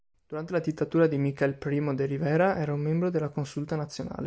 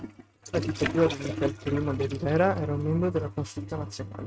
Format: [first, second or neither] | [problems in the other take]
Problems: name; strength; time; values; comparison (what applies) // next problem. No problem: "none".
first | noise reduction (neural mask model RNNoise)